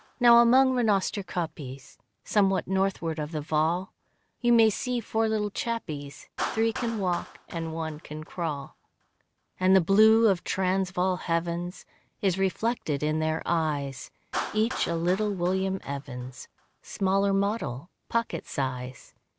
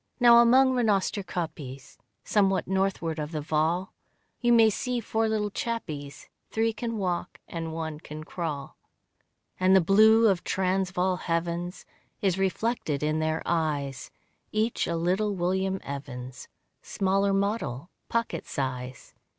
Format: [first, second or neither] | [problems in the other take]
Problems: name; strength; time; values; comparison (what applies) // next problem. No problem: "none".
second | background sound (Clapping); 18 dB below the speech